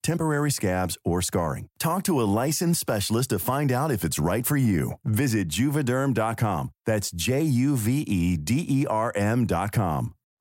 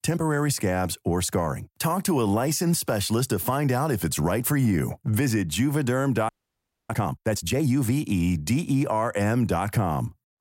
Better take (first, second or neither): first